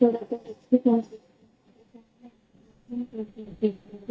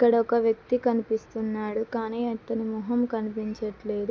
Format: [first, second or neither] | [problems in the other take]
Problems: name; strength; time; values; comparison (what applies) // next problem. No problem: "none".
second | noise reduction (neural mask model DeepFilterNet 3)